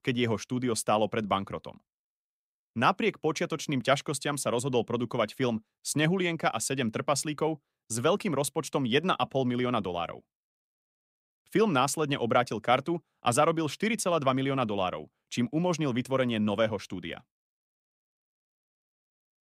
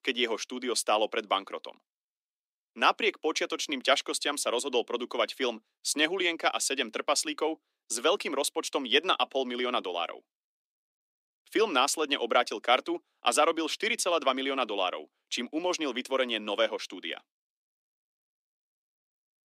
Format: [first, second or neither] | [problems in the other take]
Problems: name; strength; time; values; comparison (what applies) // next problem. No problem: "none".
first | thin; somewhat; fading below 300 Hz